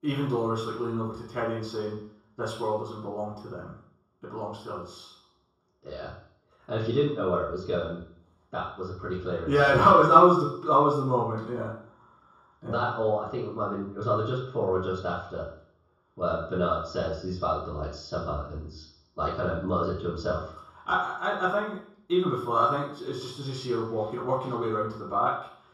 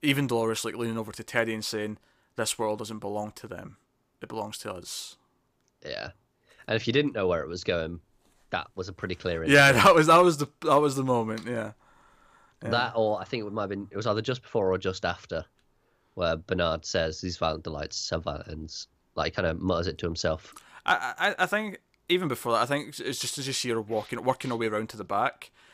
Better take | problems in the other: second | room echo; noticeable; dies away in 0.6 s // off-mic speech; far

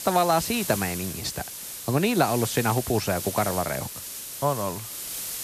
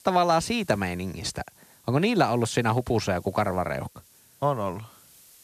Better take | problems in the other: second | hiss; loud; throughout; 7 dB below the speech; faint in the second

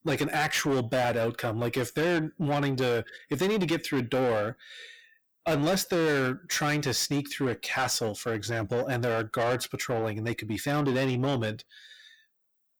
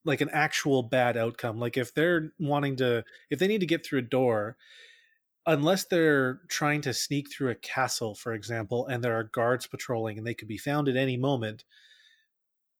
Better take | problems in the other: second | distortion; heavy; 7 dB below the speech

